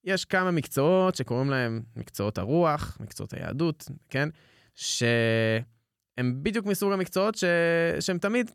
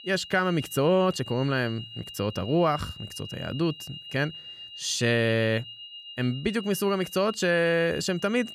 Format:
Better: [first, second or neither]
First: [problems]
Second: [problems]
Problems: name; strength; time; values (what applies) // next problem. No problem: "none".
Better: first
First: none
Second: high-pitched whine; noticeable; throughout; 3 kHz, 15 dB below the speech